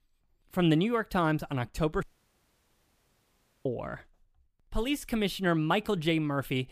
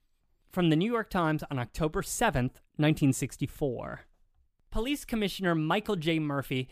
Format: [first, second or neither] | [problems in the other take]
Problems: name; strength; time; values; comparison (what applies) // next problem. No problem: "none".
second | audio cutting out; at 2 s for 1.5 s